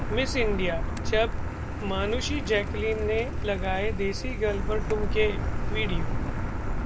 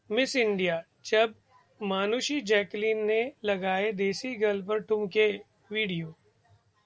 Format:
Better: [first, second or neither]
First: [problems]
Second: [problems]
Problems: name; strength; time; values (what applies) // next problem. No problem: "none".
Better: second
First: background sound (Car); 1 dB above the speech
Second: none